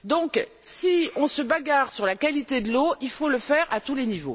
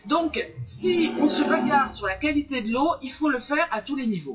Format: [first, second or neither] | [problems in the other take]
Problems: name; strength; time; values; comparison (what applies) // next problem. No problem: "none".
first | noise reduction (classical method WPE with log-MMSE)